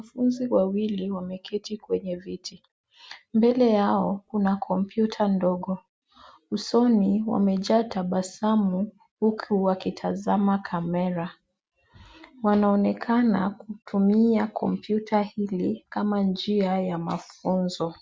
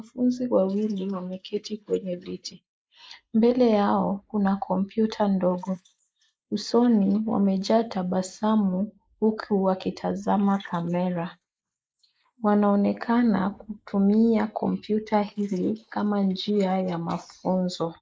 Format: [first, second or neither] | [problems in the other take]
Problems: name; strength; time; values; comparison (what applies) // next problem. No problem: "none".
first | noise reduction (neural mask model Resemble Enhance denoiser)